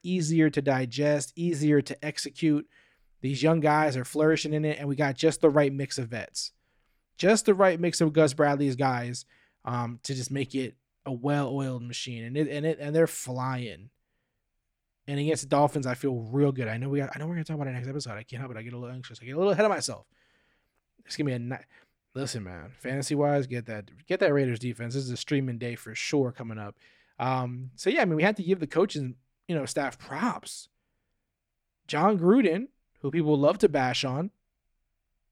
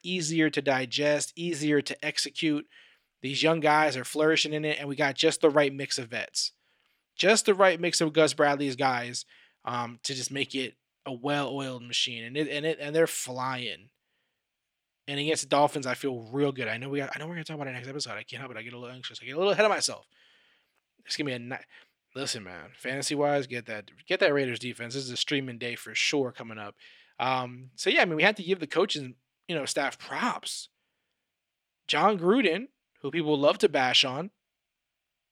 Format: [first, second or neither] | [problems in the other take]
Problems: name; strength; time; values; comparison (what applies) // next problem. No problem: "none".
first | thin; very slightly; fading below 450 Hz